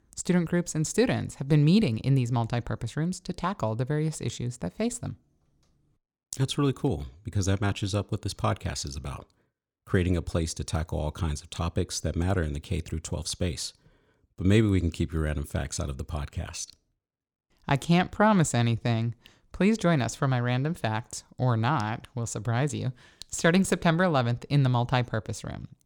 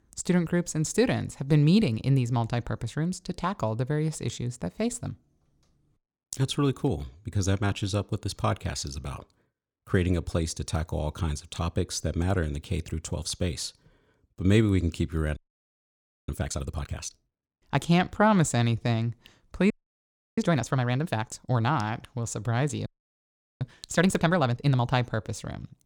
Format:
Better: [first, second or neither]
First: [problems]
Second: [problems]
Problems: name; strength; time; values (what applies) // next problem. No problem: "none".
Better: first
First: none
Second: audio freezing; at 15 s for 1 s, at 20 s for 0.5 s and at 23 s for 1 s